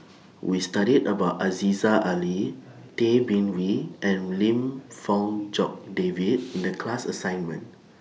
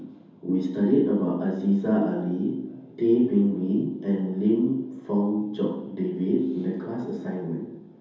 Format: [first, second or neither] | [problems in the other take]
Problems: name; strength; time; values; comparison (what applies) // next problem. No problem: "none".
first | room echo; dies away in 0.9 s